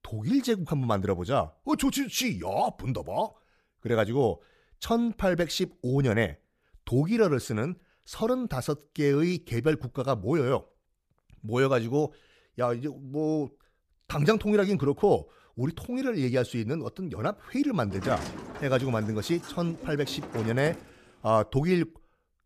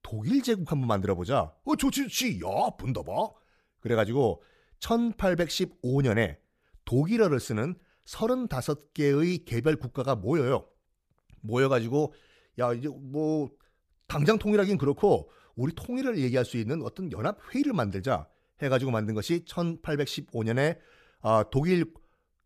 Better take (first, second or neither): second